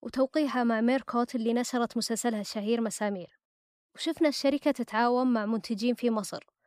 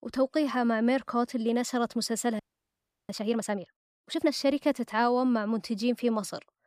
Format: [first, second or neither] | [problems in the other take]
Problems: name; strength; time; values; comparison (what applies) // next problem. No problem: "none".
first | audio freezing; at 2.5 s for 0.5 s